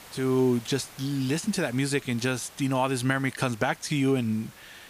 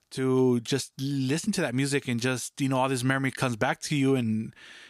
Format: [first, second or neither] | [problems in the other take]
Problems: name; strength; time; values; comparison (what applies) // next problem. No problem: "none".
second | hiss; faint; throughout; 20 dB below the speech